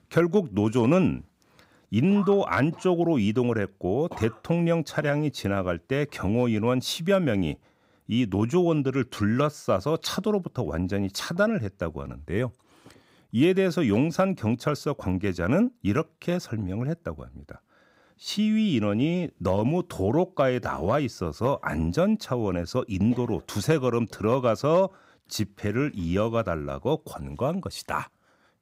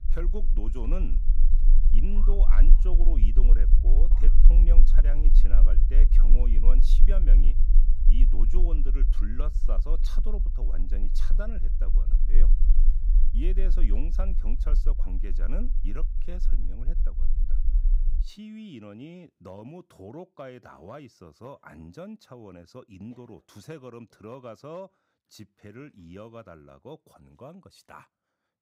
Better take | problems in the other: first | low rumble; loud; until 18 s; 7 dB below the speech

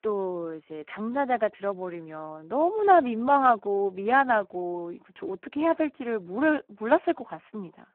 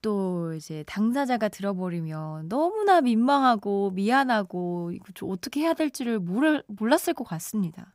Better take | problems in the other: second | phone-call audio; poor line

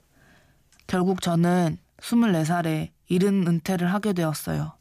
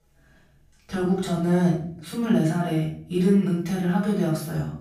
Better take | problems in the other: first | room echo; noticeable; dies away in 0.6 s // off-mic speech; far

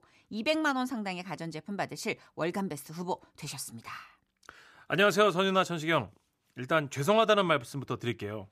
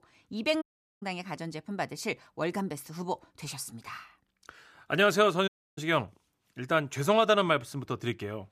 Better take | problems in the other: first | audio cutting out; at 0.5 s and at 5.5 s

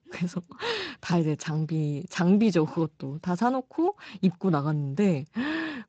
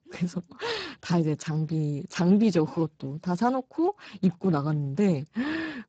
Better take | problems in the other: first | garbled, watery; badly; nothing above 7.5 kHz; slightly in the first

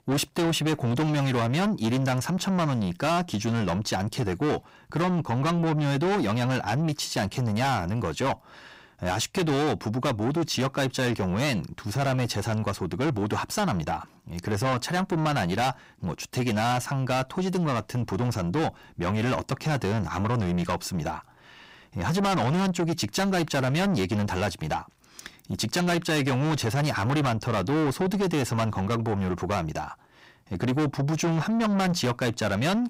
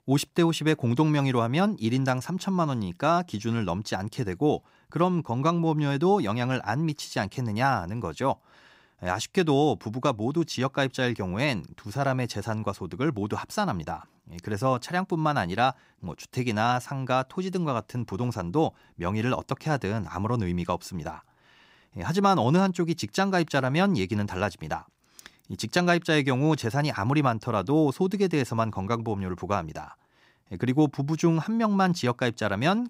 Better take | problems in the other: second | distortion; heavy; 6 dB below the speech

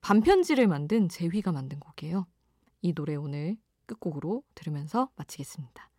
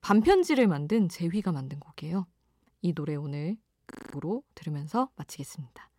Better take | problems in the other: first | audio freezing; at 4 s

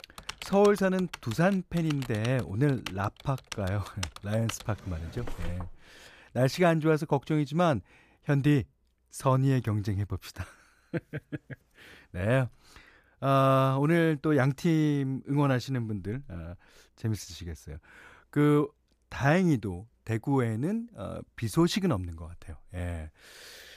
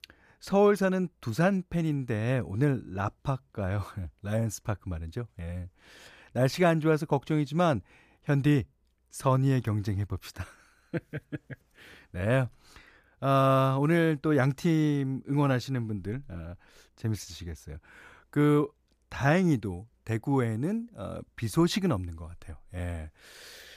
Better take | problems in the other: second | household noises; noticeable; until 6 s; 15 dB below the speech

